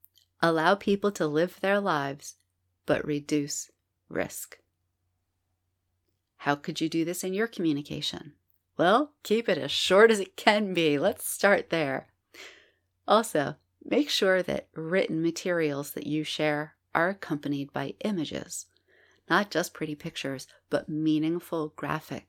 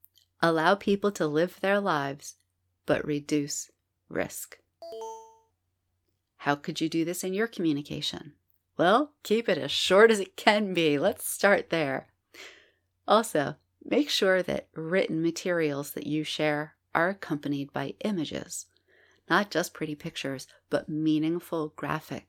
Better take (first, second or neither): first